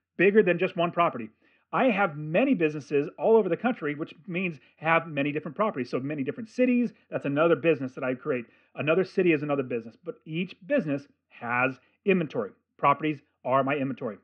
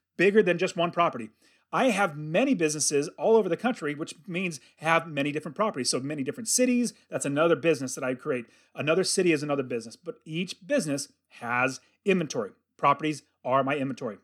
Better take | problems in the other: second | muffled; very; fading above 2.5 kHz

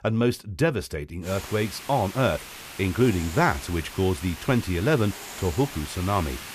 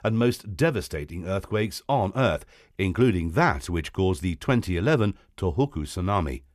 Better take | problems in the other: second | hiss; noticeable; from 1.5 s on; 10 dB below the speech

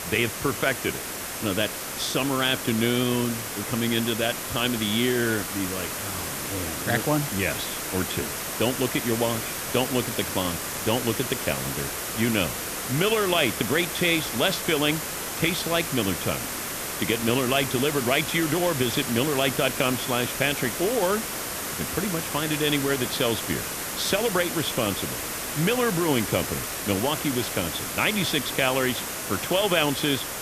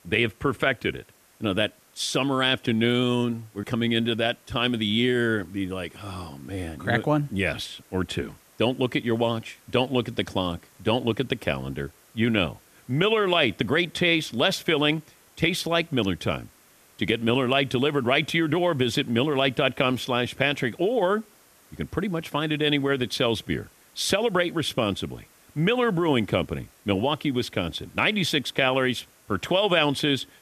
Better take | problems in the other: second | hiss; loud; throughout; 4 dB below the speech; faint in the second

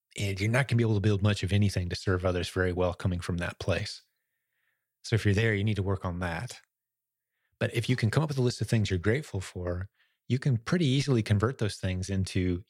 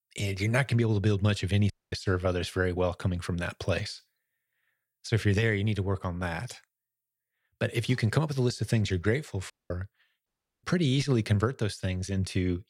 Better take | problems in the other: first | audio cutting out; at 1.5 s, at 9.5 s and at 10 s

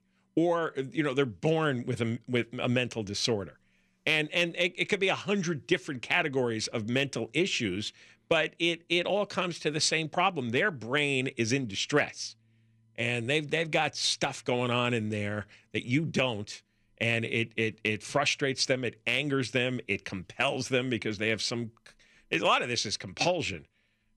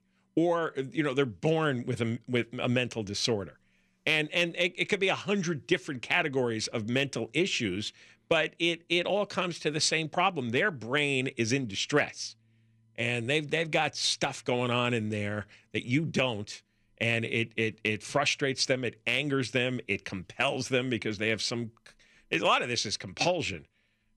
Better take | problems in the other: neither | none

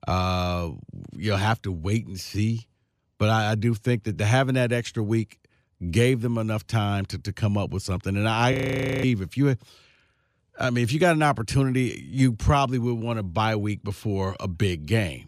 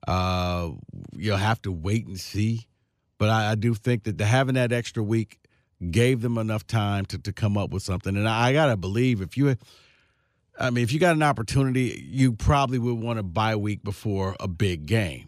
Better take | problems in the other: second | audio freezing; at 8.5 s for 0.5 s

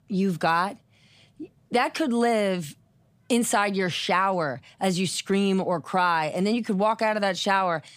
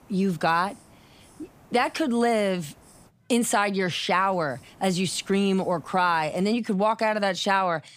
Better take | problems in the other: first | hiss; faint; until 3 s and from 4 to 6.5 s; 30 dB below the speech

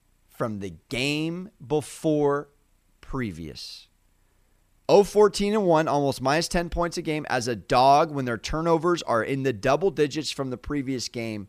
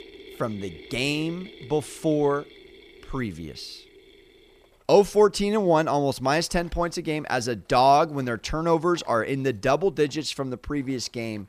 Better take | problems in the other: first | machinery noise; faint; throughout; 25 dB below the speech

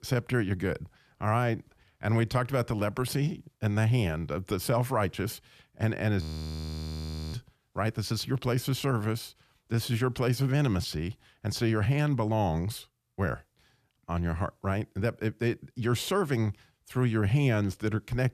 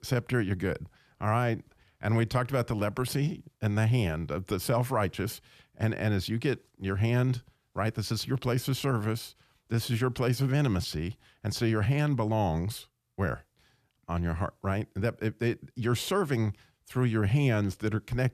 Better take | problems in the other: second | audio freezing; at 6 s for 1 s

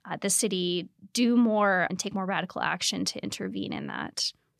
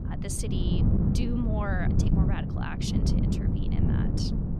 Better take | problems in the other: first | wind noise on the microphone; heavy; 1 dB above the speech

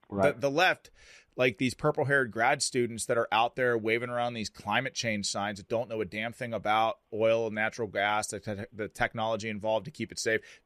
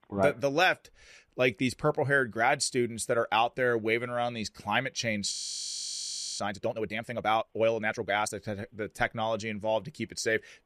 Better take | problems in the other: first | audio freezing; at 5.5 s for 1 s

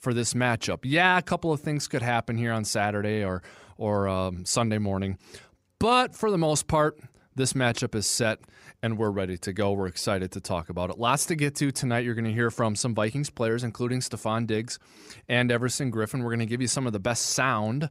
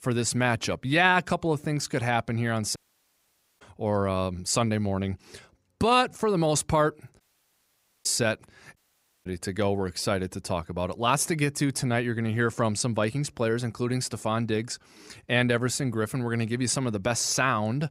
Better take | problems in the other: first | audio cutting out; at 3 s for 1 s, at 7 s for 1 s and at 9 s

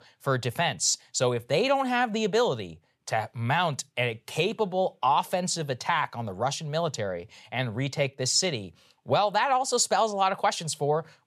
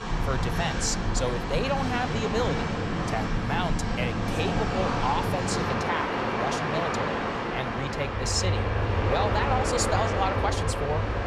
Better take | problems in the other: first | train or aircraft noise; very loud; throughout; 3 dB above the speech

